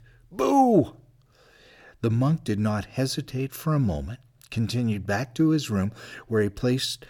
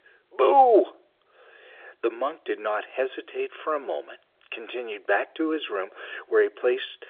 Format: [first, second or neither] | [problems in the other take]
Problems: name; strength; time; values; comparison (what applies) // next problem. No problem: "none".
first | phone-call audio; nothing above 3.5 kHz